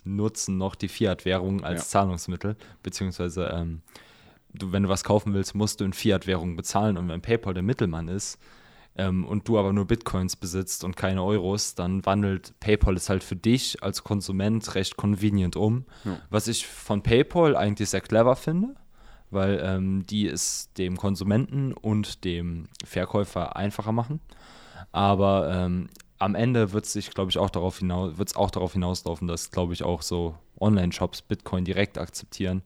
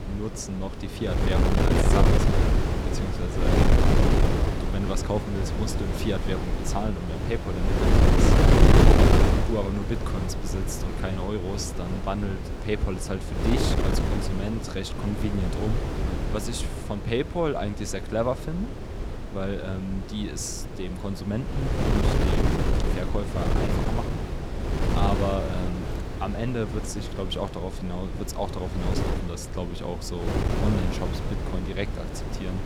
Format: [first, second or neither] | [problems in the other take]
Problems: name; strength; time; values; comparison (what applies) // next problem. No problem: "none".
first | wind noise on the microphone; heavy; 3 dB above the speech